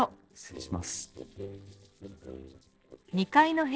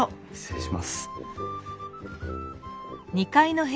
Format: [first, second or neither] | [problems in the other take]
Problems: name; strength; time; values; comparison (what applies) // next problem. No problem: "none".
second | noise reduction (neural separator model SepFormer DNS4)